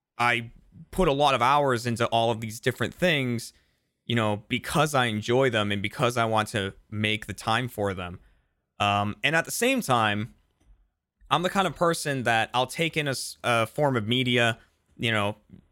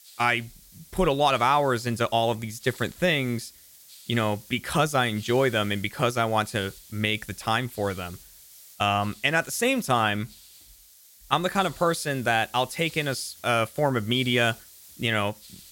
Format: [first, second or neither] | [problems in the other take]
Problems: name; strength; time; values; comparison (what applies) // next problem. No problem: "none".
first | hiss; faint; throughout; 20 dB below the speech